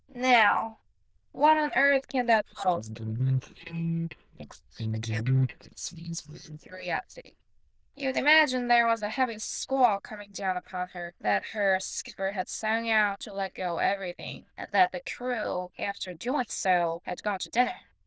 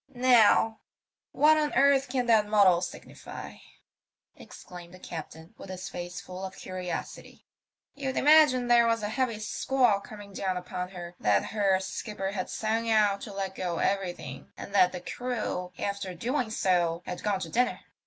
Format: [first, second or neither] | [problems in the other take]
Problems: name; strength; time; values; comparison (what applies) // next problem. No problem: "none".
second | noise reduction (neural diffusion model UNIVERSE++)